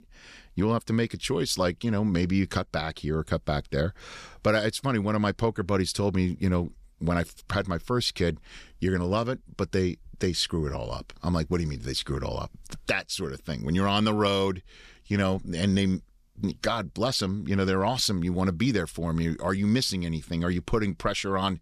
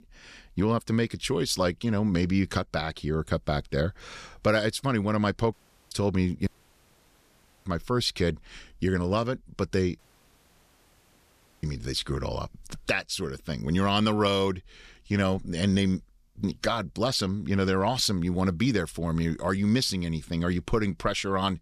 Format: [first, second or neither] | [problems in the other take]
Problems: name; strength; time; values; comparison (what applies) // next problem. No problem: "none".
first | audio cutting out; at 5.5 s, at 6.5 s for 1 s and at 10 s for 1.5 s